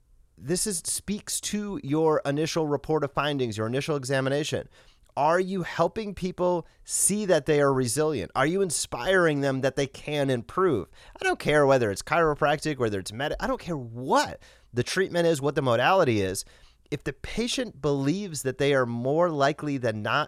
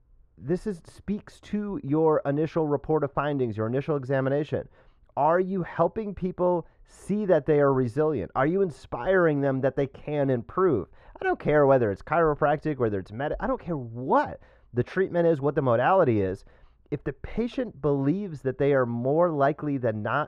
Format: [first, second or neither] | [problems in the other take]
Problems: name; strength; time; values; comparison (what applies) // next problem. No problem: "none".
first | muffled; very; fading above 3.5 kHz